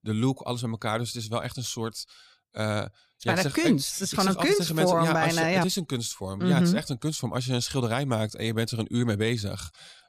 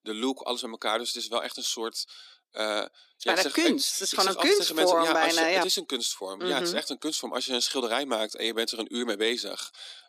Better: first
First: none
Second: thin; somewhat; fading below 300 Hz

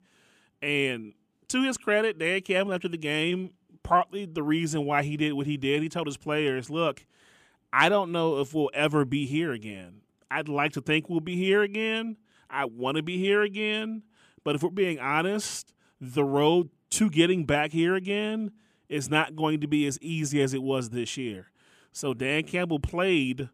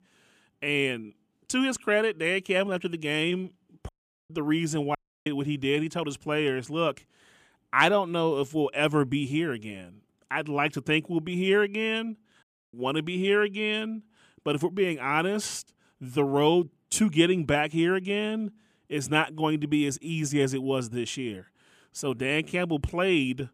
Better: first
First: none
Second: audio cutting out; at 4 s, at 5 s and at 12 s

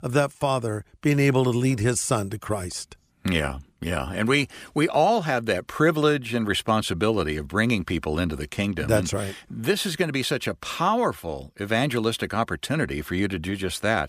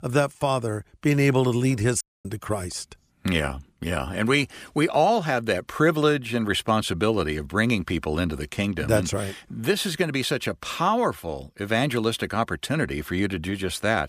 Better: first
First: none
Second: audio cutting out; at 2 s

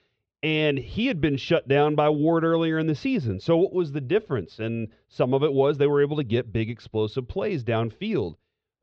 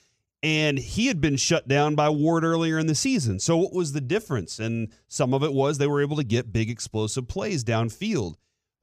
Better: second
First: muffled; very; fading above 4 kHz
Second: none

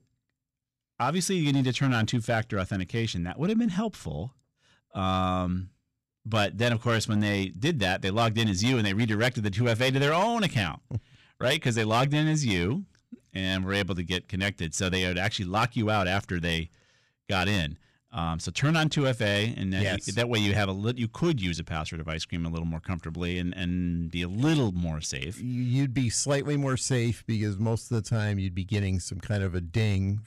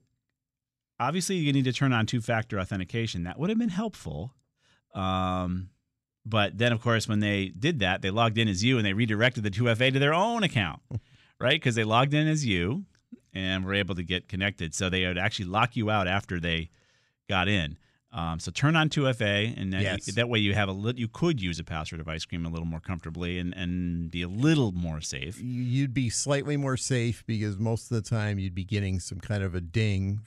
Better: second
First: distortion; slight; 4% of the sound clipped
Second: none

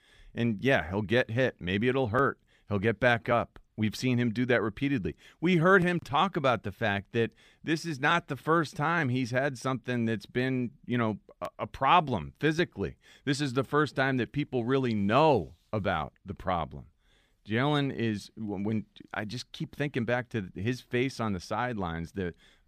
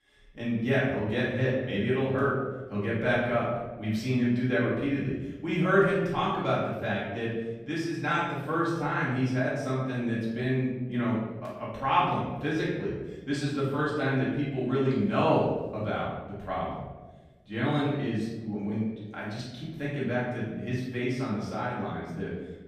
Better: first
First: none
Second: off-mic speech; far // room echo; noticeable; dies away in 1 s

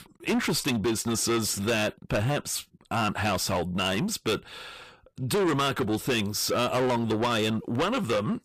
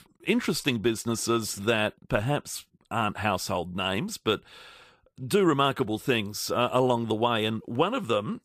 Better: second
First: distortion; heavy; 6 dB below the speech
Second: none

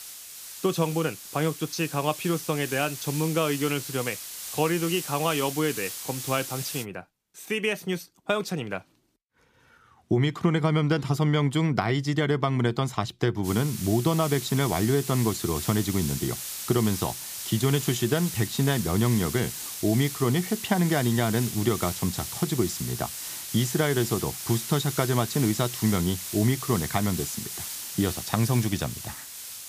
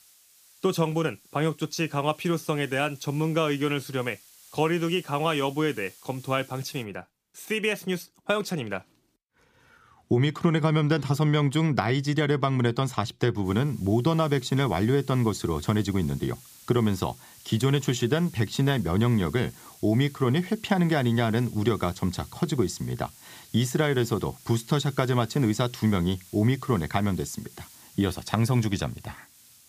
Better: second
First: hiss; loud; until 7 s and from 13 s on; 7 dB below the speech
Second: hiss; faint; until 7 s and from 13 s on; 25 dB below the speech

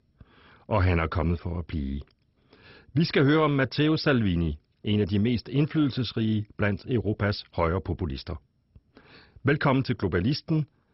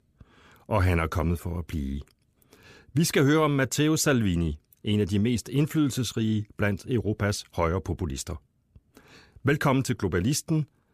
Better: second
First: garbled, watery; badly; nothing above 5.5 kHz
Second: none

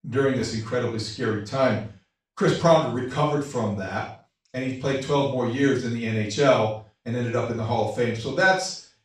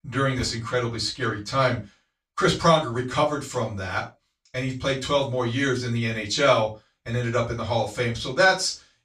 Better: second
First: room echo; strong; dies away in 0.4 s // off-mic speech; far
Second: room echo; slight; dies away in 0.2 s // off-mic speech; far

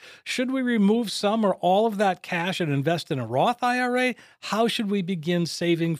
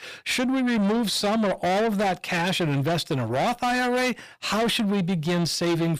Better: first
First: none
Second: distortion; heavy; 7 dB below the speech

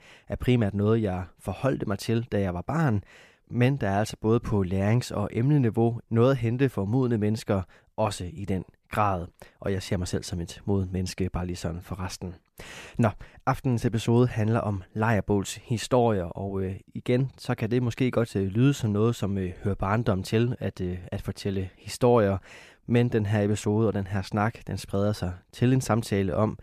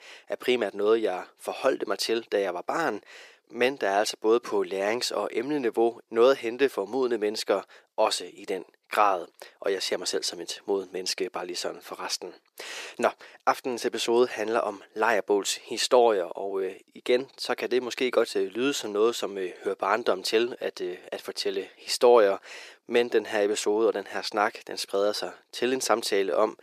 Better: first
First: none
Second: thin; very; fading below 350 Hz

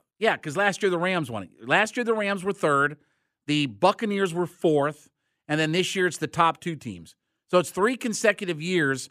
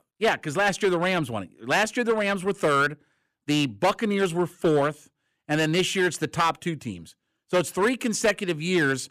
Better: first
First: none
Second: distortion; slight; 5% of the sound clipped

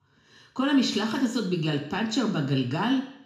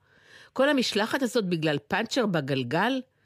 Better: second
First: room echo; slight; dies away in 0.6 s // off-mic speech; somewhat distant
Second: none

